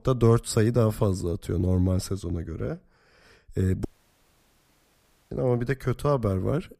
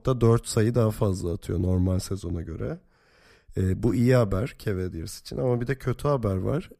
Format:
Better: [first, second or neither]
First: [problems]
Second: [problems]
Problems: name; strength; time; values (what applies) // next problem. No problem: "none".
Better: second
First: audio cutting out; at 4 s for 1.5 s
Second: none